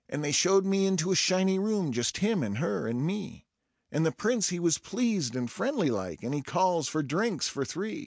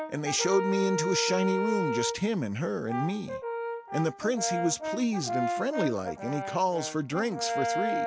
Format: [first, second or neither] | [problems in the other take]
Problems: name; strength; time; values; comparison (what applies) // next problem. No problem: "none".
first | background sound (Brass instrument); 3 dB below the speech